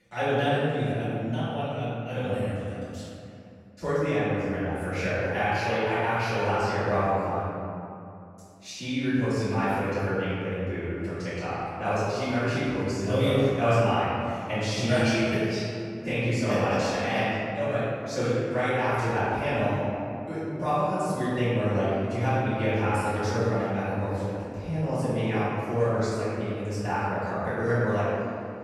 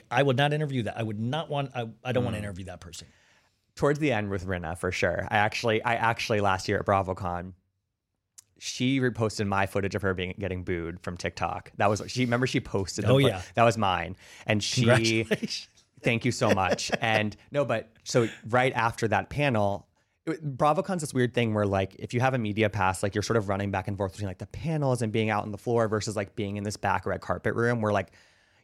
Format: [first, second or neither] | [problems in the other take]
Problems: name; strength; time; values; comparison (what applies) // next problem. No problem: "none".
second | room echo; strong; dies away in 2.5 s // off-mic speech; far